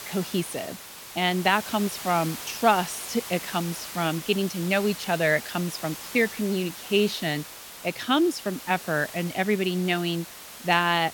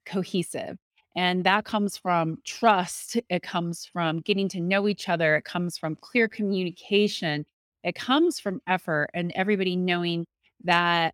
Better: second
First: hiss; noticeable; throughout; 10 dB below the speech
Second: none

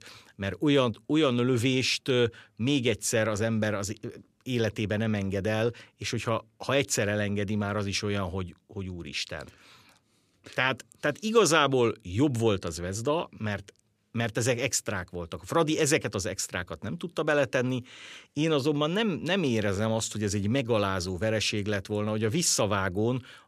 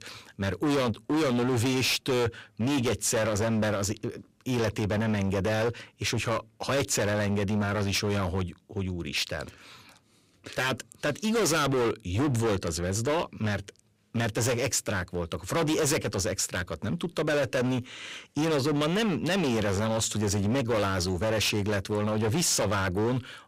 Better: first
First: none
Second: distortion; heavy; 20% of the sound clipped

